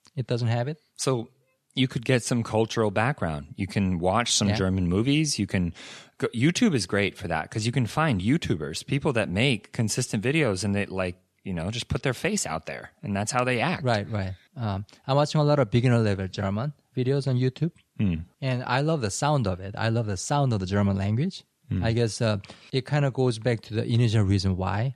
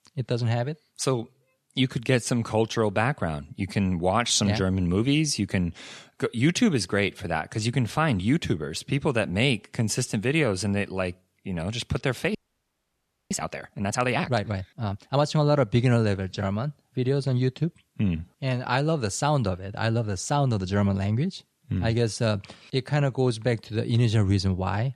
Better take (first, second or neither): first